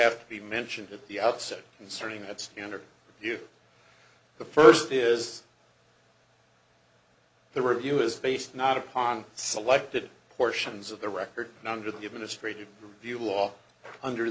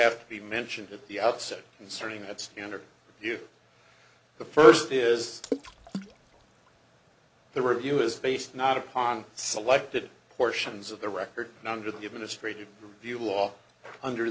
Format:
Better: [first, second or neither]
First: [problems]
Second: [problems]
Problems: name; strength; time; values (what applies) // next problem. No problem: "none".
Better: first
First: none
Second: background sound (Water / Splash, splatter); 12 dB below the speech